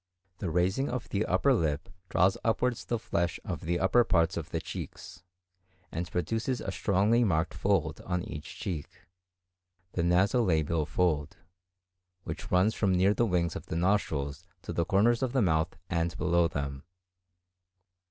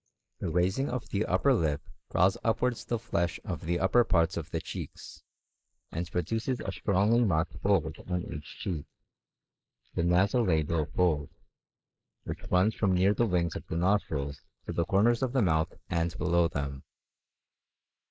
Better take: first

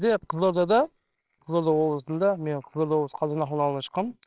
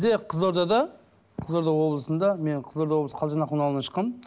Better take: second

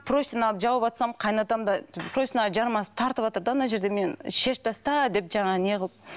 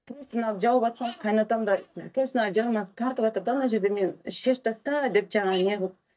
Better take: first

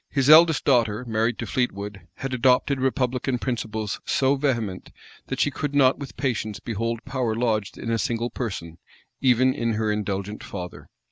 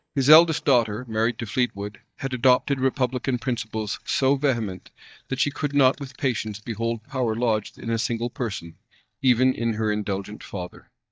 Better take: first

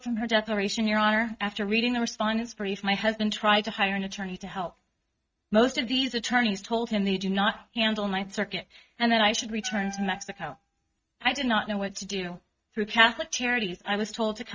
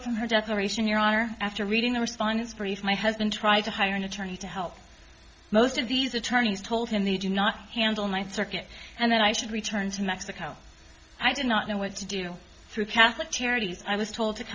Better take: second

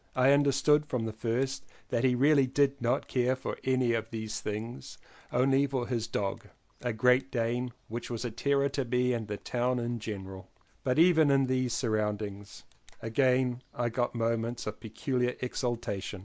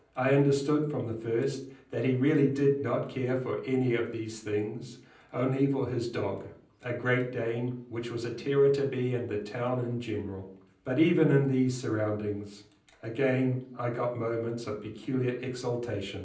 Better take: first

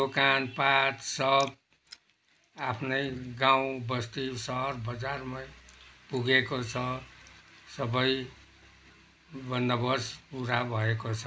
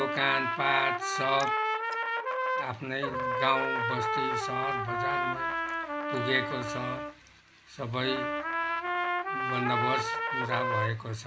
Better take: first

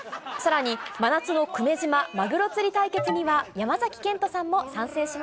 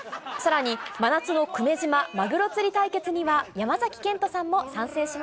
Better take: second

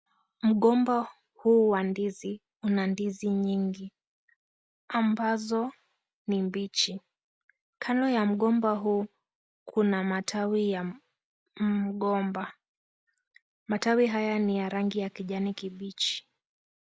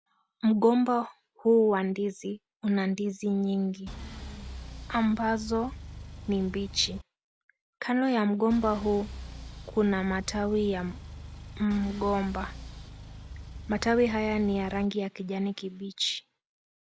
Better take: first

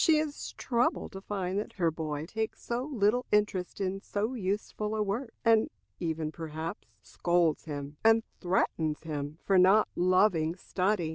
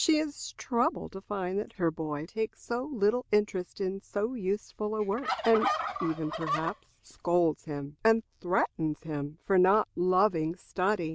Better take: first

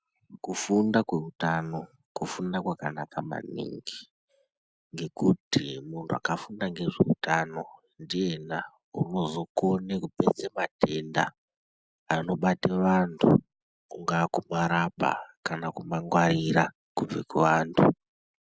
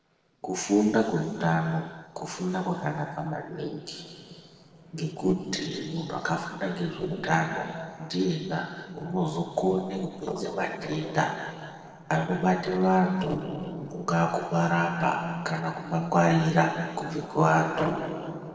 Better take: first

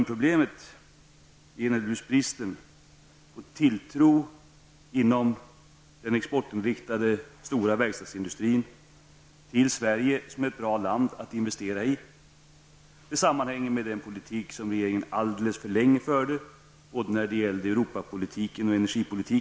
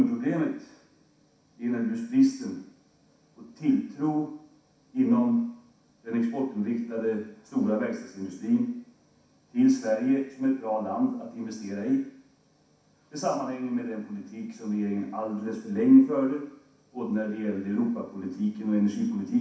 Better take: first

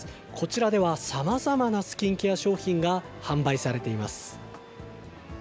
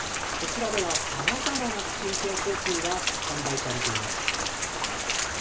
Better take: first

